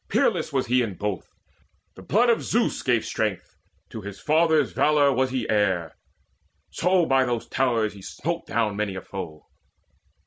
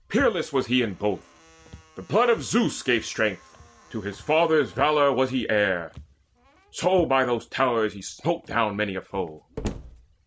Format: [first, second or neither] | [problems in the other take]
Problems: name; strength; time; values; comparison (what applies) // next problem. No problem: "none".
first | background sound (Walk, footsteps + Slam); 19 dB below the speech